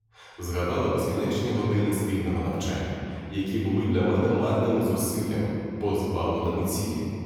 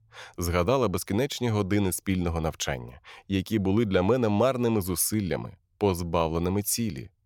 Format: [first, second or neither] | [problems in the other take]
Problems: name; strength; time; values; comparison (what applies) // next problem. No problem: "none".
second | room echo; strong; dies away in 2.6 s // off-mic speech; far